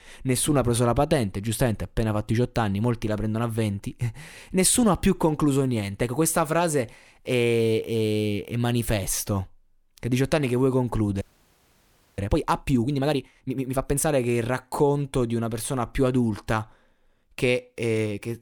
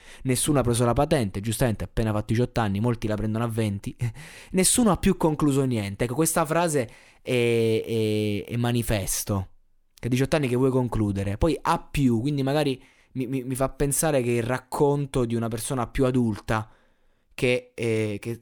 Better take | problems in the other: second | audio freezing; at 11 s for 1 s

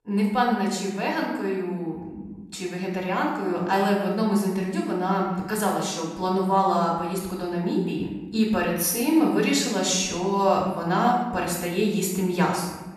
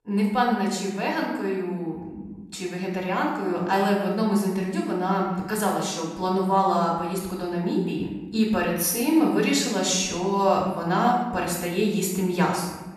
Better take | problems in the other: neither | room echo; noticeable; dies away in 1 s; the same in both // off-mic speech; far; the same in both

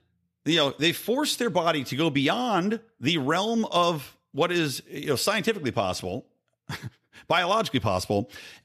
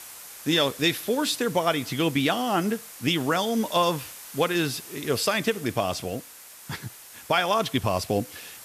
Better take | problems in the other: first | hiss; noticeable; throughout; 15 dB below the speech

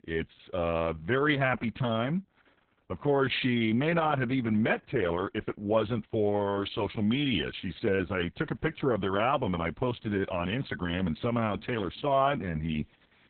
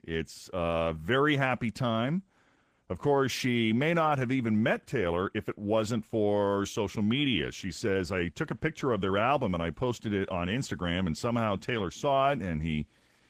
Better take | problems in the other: second | garbled, watery; badly; nothing above 3.5 kHz; slightly in the second

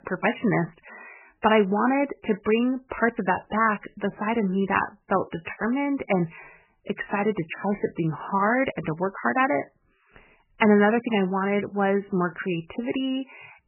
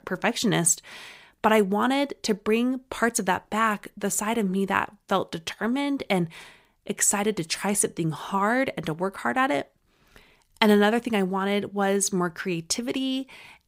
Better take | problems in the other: second | garbled, watery; badly; nothing above 3 kHz

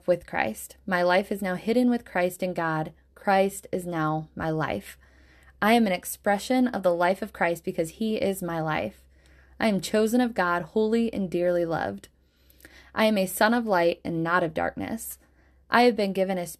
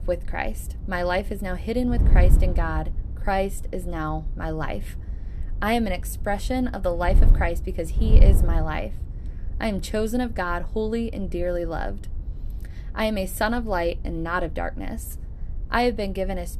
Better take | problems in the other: first | wind noise on the microphone; occasional gusts; 15 dB below the speech

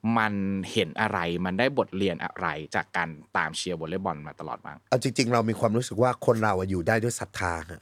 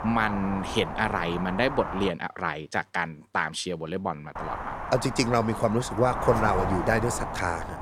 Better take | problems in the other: first | wind noise on the microphone; heavy; until 2 s and from 4.5 s on; 4 dB below the speech

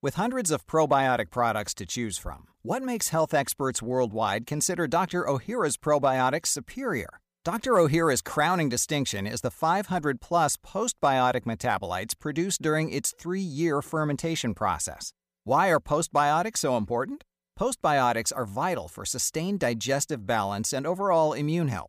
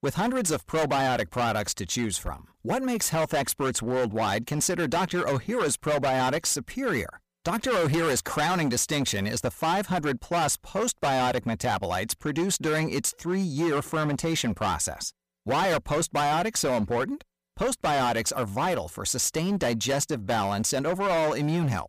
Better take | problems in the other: first | distortion; heavy; 20% of the sound clipped

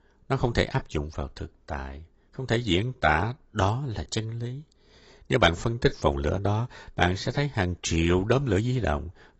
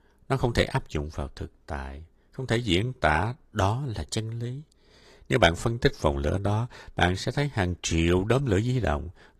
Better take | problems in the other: second | garbled, watery; badly; nothing above 8 kHz; slightly in the second

